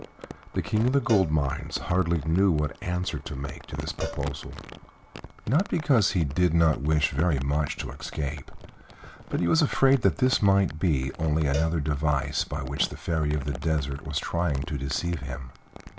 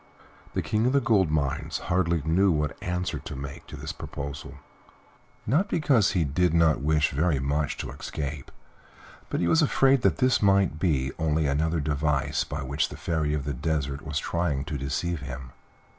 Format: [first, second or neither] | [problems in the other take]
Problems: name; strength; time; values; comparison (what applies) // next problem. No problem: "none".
second | background sound (Cowbell + Crumpling, crinkling); 16 dB below the speech